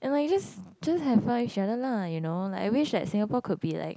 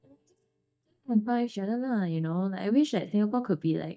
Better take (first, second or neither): first